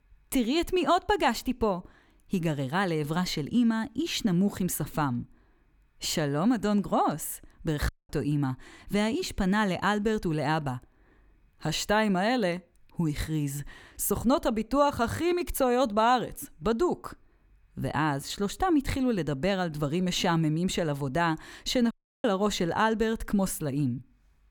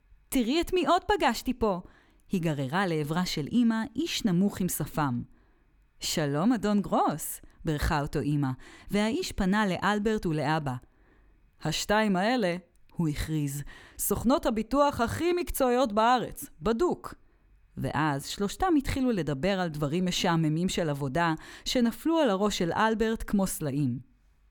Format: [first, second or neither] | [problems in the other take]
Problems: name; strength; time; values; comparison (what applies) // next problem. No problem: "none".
second | audio cutting out; at 8 s and at 22 s